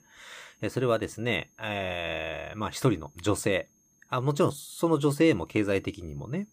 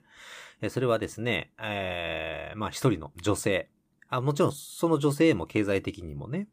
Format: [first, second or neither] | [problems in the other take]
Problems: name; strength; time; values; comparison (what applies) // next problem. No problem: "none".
second | high-pitched whine; faint; throughout; 6.5 kHz, 35 dB below the speech